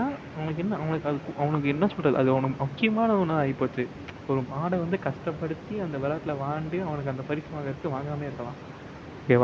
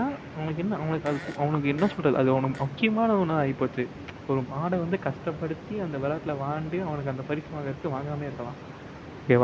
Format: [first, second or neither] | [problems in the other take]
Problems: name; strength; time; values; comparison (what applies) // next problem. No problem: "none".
first | background sound (Fart); 19 dB below the speech